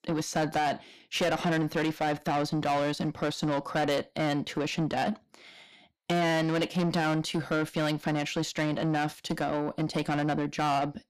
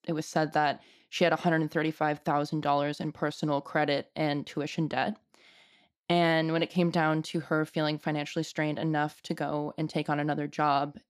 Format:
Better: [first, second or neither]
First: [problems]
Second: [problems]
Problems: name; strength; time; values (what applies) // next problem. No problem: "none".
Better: second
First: distortion; heavy; 7 dB below the speech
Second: none